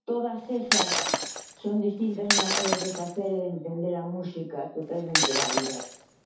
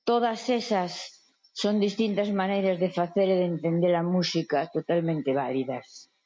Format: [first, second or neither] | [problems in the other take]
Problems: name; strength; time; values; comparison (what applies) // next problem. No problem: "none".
second | background sound (Shatter); 2 dB above the speech // room echo; dies away in 0.5 s